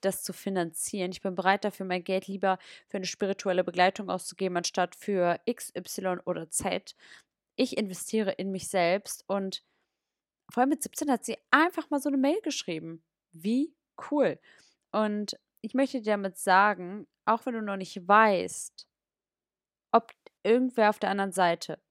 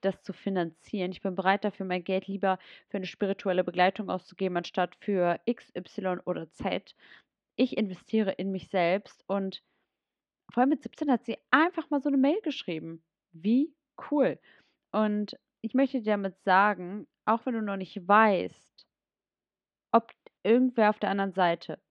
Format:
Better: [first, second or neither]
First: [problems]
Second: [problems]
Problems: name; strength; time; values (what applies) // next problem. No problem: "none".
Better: first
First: none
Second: muffled; slightly; fading above 3.5 kHz